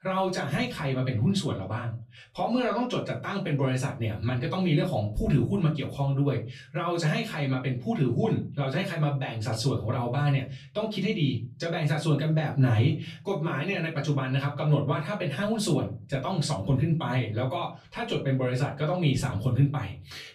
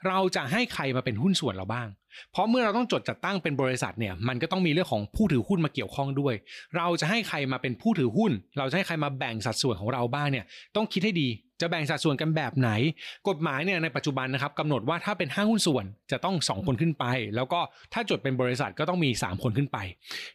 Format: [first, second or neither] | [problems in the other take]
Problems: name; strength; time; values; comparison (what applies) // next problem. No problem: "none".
second | off-mic speech; far // room echo; slight; dies away in 0.4 s